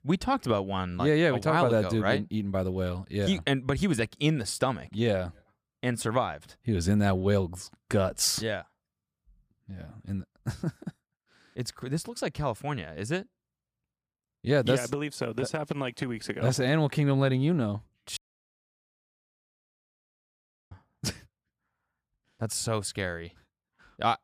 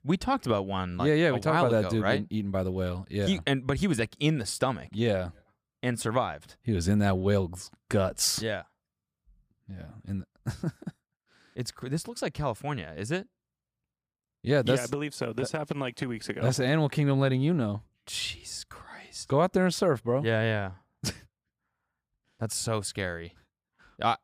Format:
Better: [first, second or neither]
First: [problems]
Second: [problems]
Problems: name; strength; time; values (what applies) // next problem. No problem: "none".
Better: second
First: audio cutting out; at 18 s for 2.5 s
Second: none